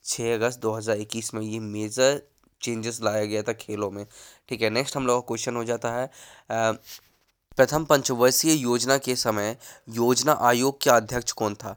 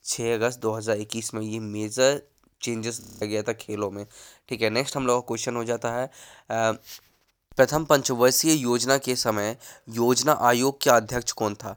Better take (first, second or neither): first